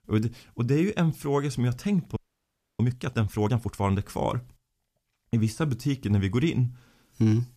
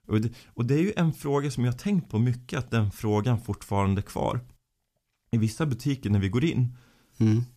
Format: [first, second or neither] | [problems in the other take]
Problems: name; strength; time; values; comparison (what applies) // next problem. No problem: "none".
second | audio freezing; at 2 s for 0.5 s